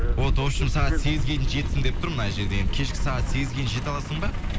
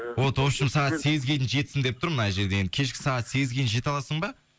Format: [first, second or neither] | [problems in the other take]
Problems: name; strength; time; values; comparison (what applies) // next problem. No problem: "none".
second | background sound (Truck); 4 dB above the speech